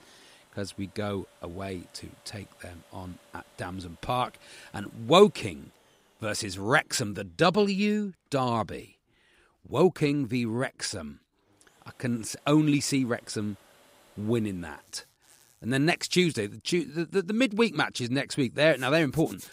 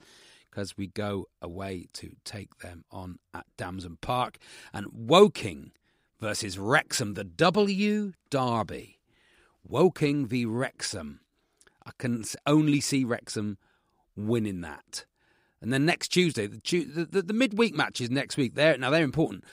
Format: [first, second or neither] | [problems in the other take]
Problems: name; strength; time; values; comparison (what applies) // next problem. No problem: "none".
second | household noises; faint; throughout; 30 dB below the speech